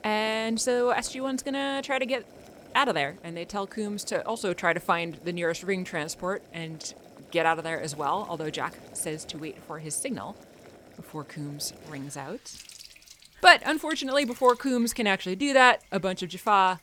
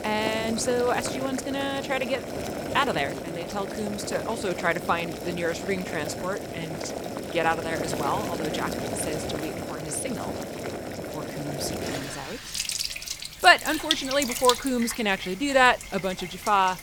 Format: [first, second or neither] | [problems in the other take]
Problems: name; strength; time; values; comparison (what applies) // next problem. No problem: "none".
first | household noises; loud; throughout; 6 dB below the speech; faint in the first